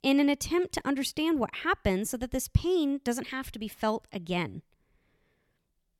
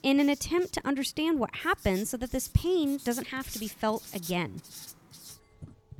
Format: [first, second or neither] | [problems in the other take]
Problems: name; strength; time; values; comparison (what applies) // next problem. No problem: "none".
first | household noises; noticeable; throughout; 15 dB below the speech